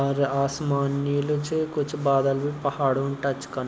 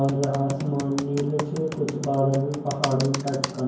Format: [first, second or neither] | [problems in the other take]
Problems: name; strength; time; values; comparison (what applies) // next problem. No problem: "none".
first | background sound (Computer keyboard); 10 dB below the speech // room echo; dies away in 0.9 s